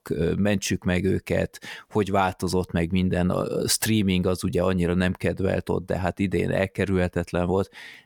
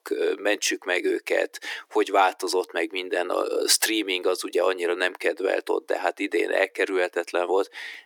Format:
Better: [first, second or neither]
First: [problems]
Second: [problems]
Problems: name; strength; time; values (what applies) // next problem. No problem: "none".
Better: first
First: none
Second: thin; very; fading below 300 Hz